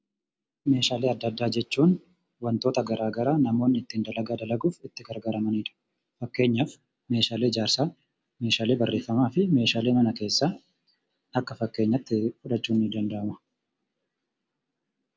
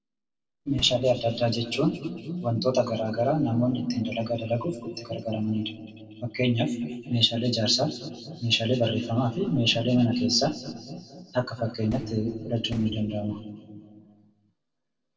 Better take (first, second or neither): first